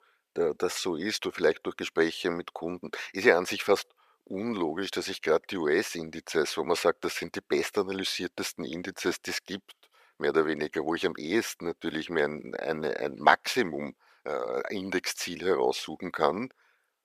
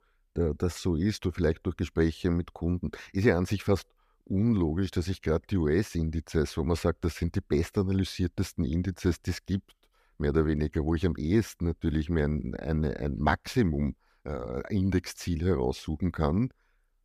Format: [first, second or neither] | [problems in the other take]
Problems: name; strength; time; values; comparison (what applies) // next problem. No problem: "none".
second | thin; very; fading below 550 Hz